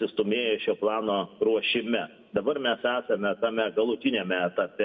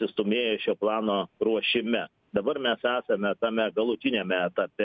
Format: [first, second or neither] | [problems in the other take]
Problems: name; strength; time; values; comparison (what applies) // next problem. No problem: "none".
second | room echo; dies away in 1.2 s